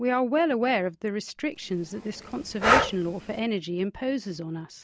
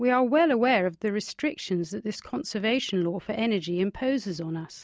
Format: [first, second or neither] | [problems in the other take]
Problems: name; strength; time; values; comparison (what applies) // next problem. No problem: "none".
second | background sound (Breathing); as loud as the speech